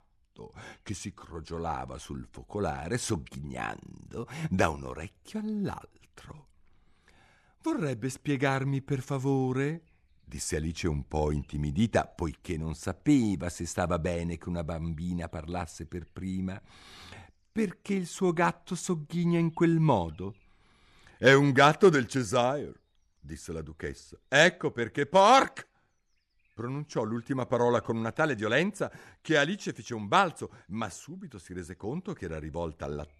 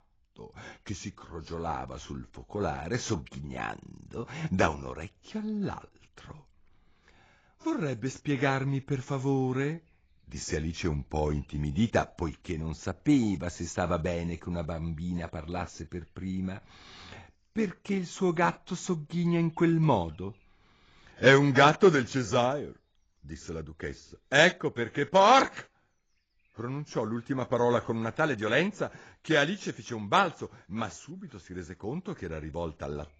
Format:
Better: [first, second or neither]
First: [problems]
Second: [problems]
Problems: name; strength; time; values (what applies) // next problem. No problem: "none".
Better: first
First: none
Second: garbled, watery; badly; nothing above 7.5 kHz